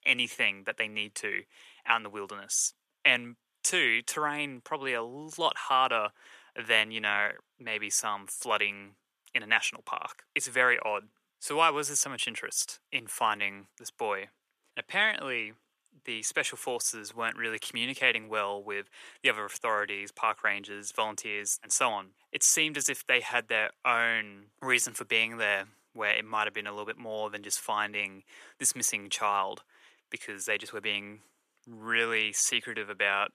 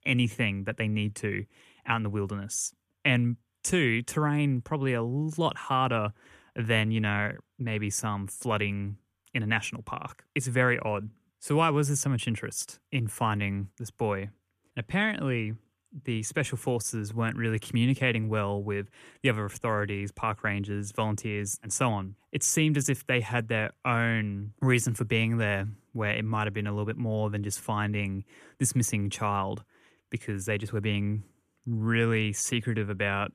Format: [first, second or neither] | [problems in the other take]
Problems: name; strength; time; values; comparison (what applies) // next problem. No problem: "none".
second | thin; very; fading below 600 Hz